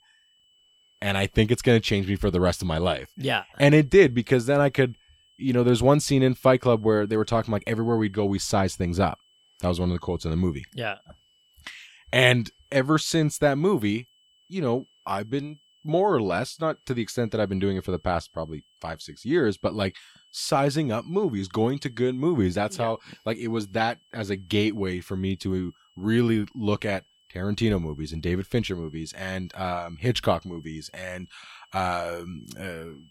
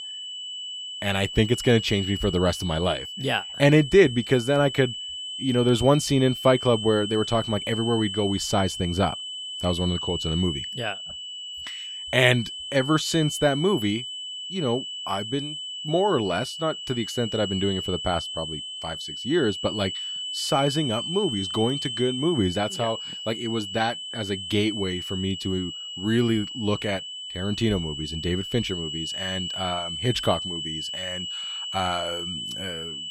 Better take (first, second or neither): first